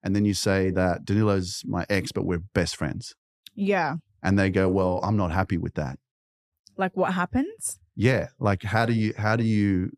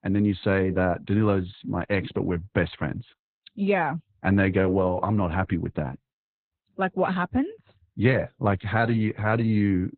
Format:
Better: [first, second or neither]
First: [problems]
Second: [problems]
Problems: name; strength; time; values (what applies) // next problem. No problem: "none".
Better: first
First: none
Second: garbled, watery; badly; nothing above 4 kHz